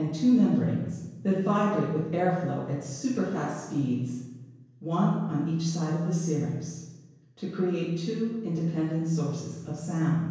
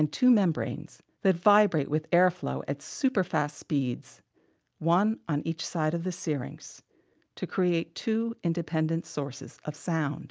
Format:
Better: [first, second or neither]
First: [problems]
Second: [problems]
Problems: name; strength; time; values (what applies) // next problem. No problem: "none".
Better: second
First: room echo; dies away in 1 s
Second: none